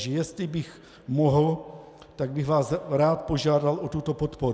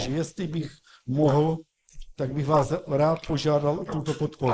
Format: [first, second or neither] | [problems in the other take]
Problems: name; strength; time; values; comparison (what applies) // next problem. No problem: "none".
first | noise reduction (neural mask model Resemble Enhance denoiser)